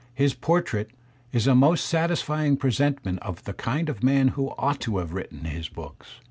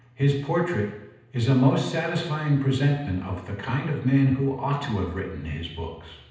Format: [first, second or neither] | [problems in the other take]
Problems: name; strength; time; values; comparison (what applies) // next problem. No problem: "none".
first | room echo; dies away in 0.9 s